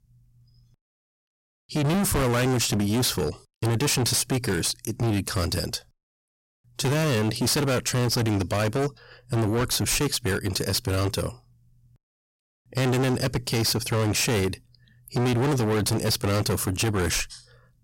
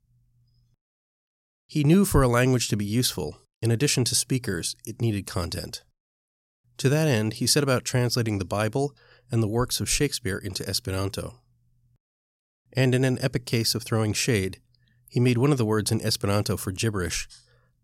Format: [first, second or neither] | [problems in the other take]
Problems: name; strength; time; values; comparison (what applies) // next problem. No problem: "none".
second | distortion; heavy; 26% of the sound clipped